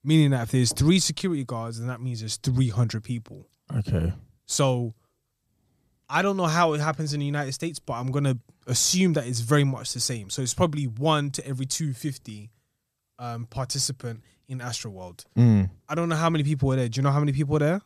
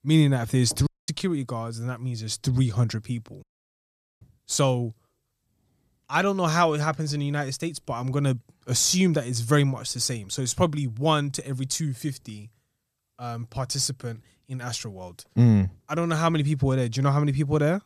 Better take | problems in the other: first | audio cutting out; at 1 s and at 3.5 s for 1 s

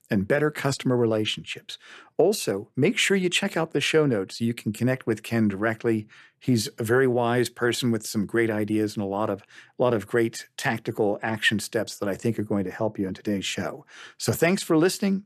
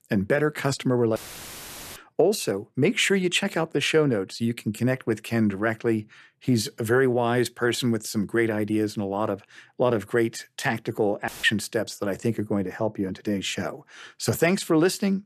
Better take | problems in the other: first | audio cutting out; filled with static; at 1 s for 1 s and at 11 s

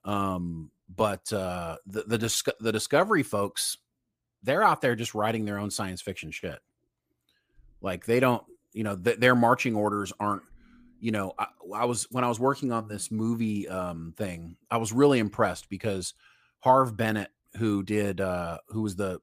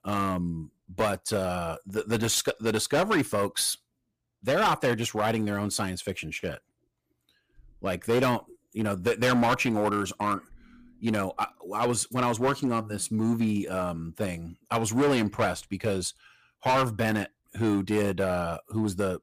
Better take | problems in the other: first | distortion; heavy; 7% of the sound clipped

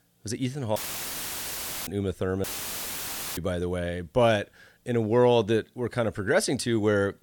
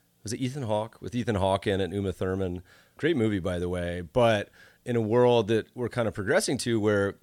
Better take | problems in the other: second | audio cutting out; filled with static; at 1 s for 1 s and at 2.5 s for 1 s

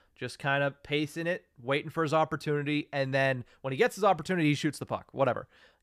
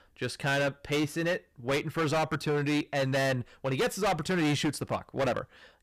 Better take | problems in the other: first | distortion; heavy; 17% of the sound clipped

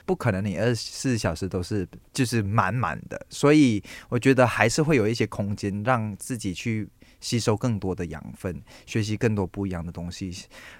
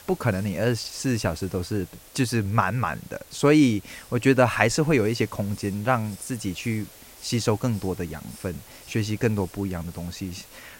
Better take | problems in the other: first | hiss; faint; throughout; 20 dB below the speech

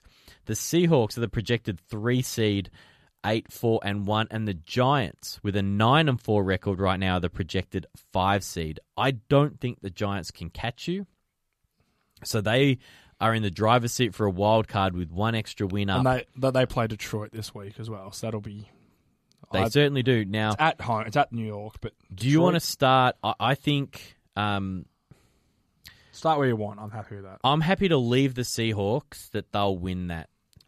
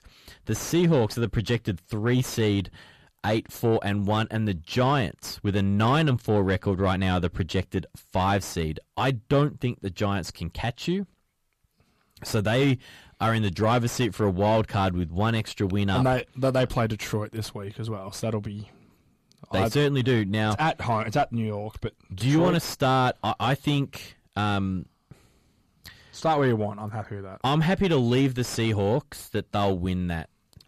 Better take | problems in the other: first | distortion; slight; 10 dB below the speech

